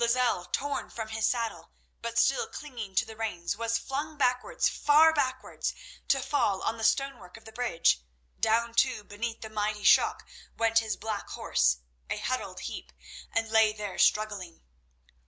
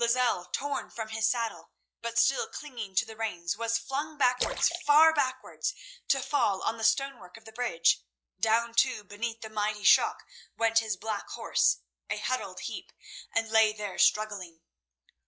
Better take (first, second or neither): first